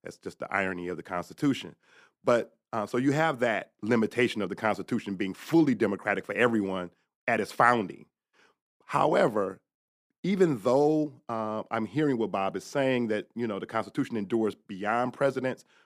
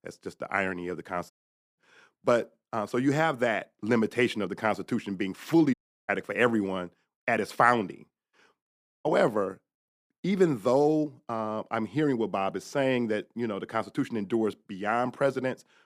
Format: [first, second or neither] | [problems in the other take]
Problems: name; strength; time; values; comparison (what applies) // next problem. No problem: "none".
first | audio cutting out; at 1.5 s, at 5.5 s and at 9 s